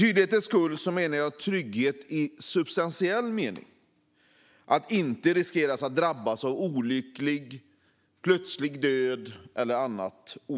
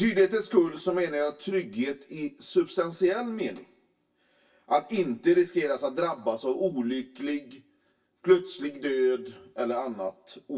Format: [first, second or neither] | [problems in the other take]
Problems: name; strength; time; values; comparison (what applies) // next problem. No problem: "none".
first | room echo; dies away in 0.1 s